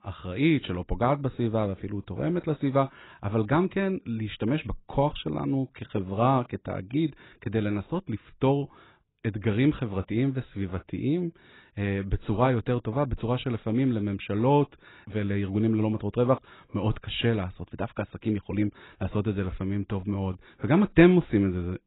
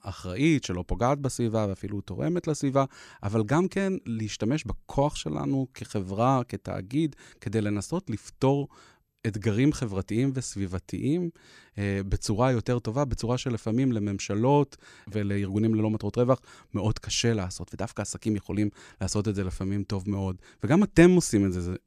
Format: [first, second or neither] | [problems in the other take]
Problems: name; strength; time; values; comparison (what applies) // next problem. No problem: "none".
second | garbled, watery; badly; nothing above 4 kHz